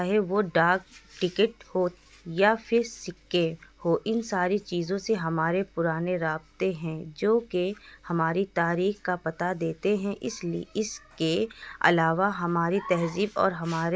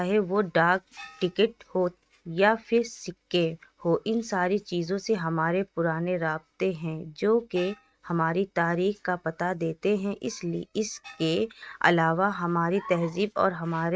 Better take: first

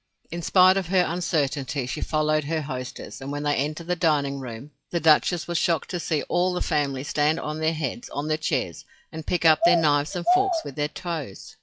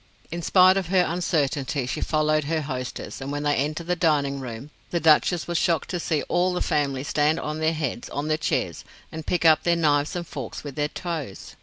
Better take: second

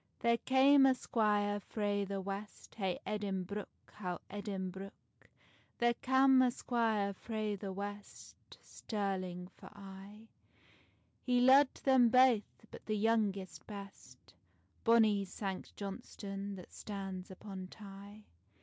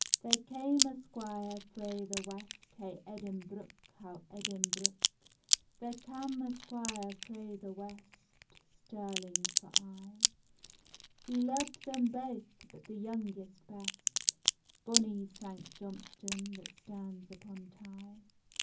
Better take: first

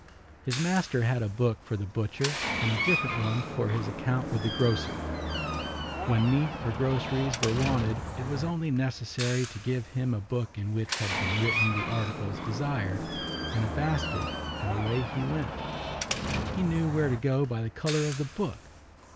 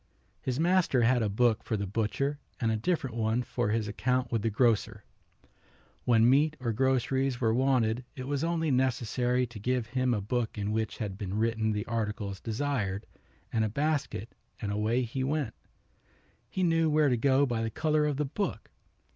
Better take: second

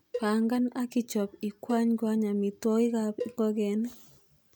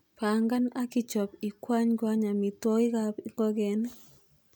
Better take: second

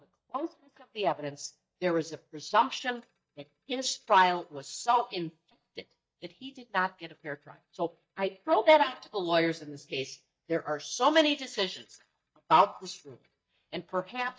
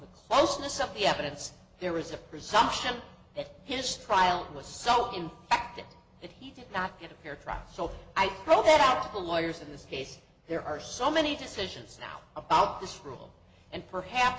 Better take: second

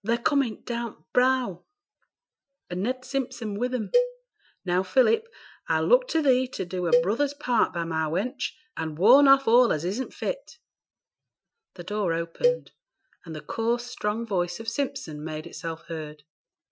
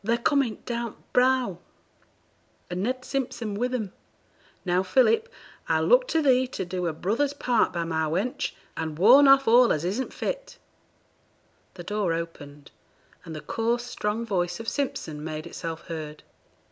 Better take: second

